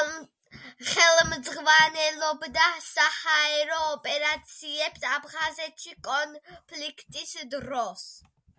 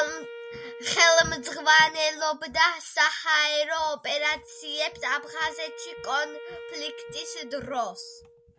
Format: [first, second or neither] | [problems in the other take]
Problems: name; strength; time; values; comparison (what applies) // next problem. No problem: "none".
first | background sound (Wind instrument, woodwind instrument); 17 dB below the speech